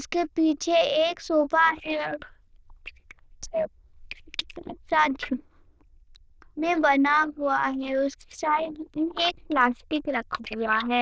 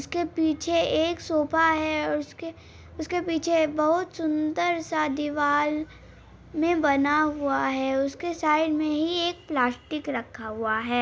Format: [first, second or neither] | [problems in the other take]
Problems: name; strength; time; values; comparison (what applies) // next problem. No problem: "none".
second | noise reduction (neural diffusion model UNIVERSE++)